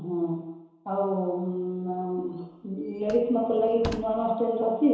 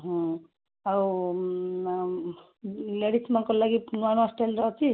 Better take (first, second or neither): second